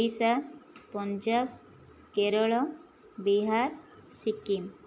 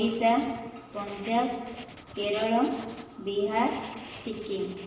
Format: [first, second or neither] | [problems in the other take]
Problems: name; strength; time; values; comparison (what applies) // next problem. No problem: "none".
first | background sound (Writing); 17 dB below the speech // room echo; dies away in 1.2 s